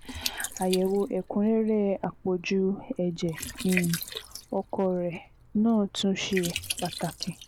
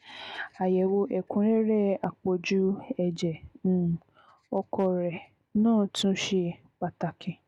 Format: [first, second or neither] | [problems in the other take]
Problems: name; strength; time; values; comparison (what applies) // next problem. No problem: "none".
second | background sound (Liquid); 11 dB below the speech